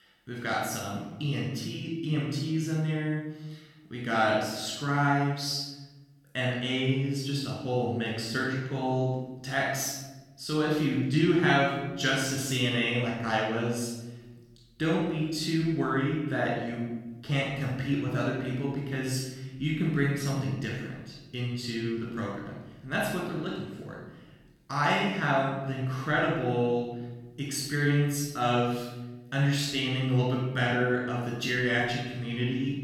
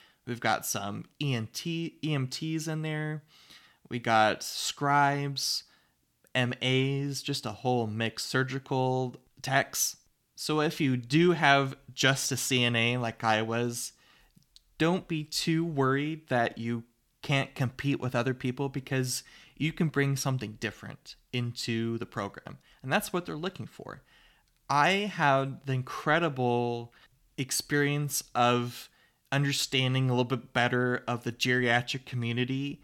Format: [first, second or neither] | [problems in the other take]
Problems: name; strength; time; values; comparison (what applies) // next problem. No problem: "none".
second | room echo; strong; dies away in 1.1 s // off-mic speech; far